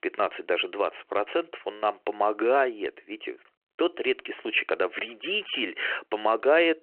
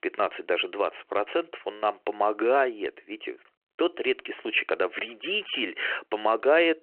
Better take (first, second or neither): neither